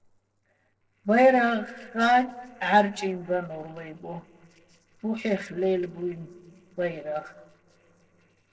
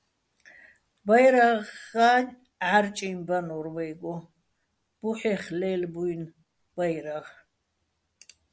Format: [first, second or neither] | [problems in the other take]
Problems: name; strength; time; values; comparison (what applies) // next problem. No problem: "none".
second | noise reduction (neural separator model SepFormer DNS4)